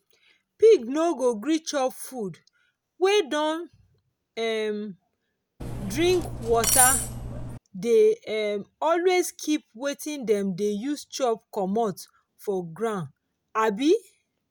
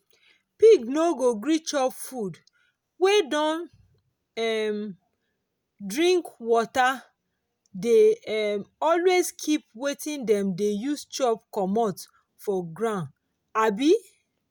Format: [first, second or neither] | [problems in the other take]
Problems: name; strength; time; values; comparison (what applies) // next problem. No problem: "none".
second | background sound (Cutlery, silverware); 1 dB below the speech